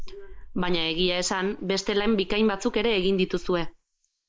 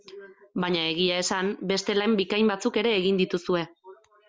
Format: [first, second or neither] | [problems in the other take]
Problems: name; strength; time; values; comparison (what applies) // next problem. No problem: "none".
second | noise reduction (neural mask model Resemble Enhance denoiser)